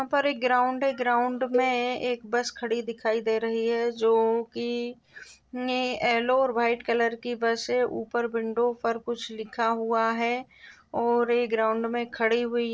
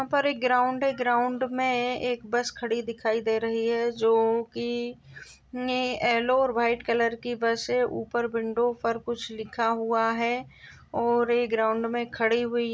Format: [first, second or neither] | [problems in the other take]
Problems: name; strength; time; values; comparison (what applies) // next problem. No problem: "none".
second | noise reduction (neural separator model SepFormer DNS4)